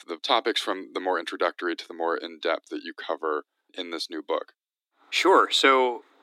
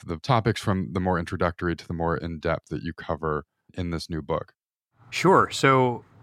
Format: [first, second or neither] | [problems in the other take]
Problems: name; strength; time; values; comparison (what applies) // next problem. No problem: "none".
second | thin; somewhat; fading below 300 Hz